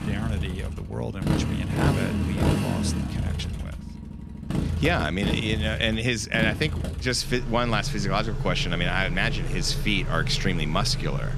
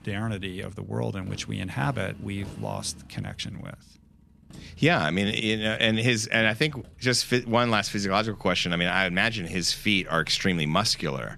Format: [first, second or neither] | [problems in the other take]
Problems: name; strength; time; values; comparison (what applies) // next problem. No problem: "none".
second | traffic noise; loud; throughout; 2 dB below the speech; faint in the second